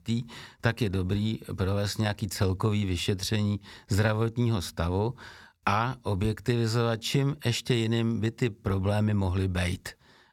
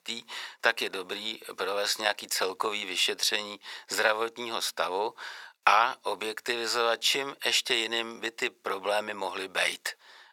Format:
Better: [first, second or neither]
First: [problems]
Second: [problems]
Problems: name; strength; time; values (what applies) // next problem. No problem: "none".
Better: first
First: none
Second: thin; very; fading below 550 Hz